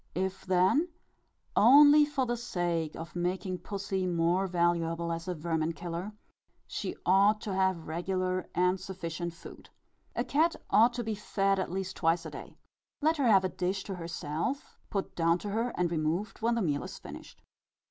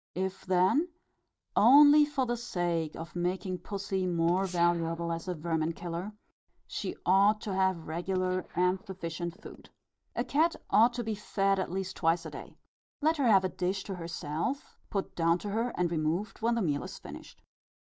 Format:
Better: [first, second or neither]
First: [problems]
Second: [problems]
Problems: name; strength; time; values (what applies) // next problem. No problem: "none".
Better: first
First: none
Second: noise reduction (neural mask model DeepFilterNet 3)